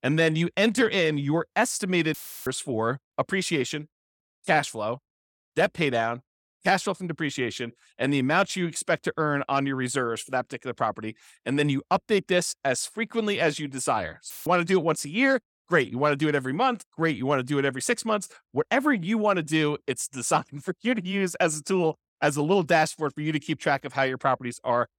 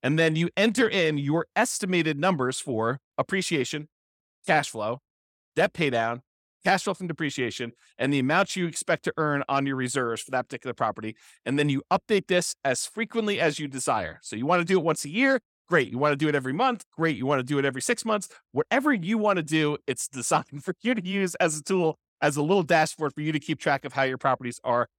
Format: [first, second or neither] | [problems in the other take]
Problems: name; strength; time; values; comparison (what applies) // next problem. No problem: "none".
second | audio cutting out; filled with static; at 2 s and at 14 s